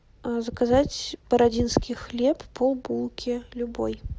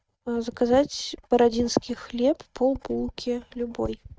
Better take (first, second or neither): first